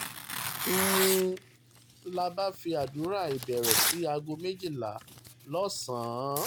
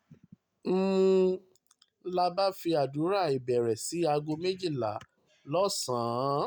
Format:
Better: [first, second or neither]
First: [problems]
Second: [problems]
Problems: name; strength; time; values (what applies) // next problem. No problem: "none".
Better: second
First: background sound (Tearing); 2 dB below the speech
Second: none